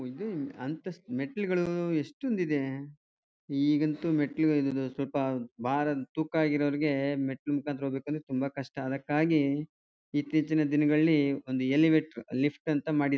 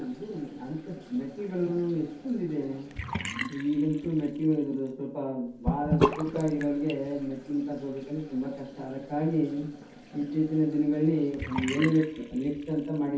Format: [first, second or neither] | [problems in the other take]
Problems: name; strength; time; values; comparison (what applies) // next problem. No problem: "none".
first | background sound (Bathtub (filling or washing) / Sink (filling or washing)); 7 dB below the speech // room echo; dies away in 0.6 s